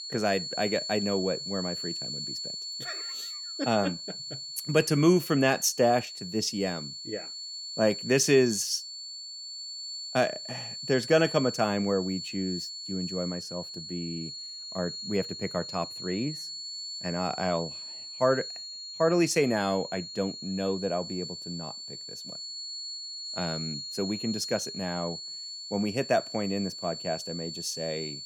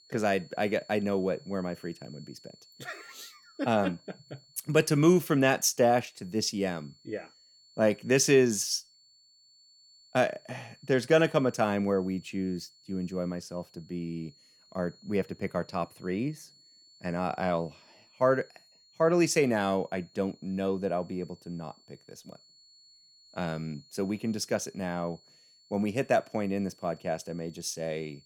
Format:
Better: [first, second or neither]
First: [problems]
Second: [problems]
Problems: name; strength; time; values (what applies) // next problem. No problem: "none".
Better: second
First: high-pitched whine; loud; throughout; 4.5 kHz, 7 dB below the speech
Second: high-pitched whine; faint; throughout; 4.5 kHz, 30 dB below the speech